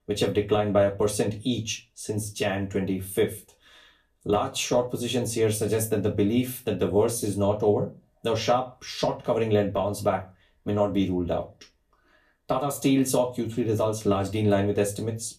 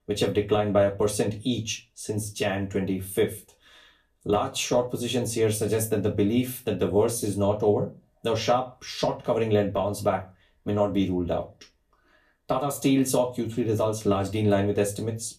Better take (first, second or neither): neither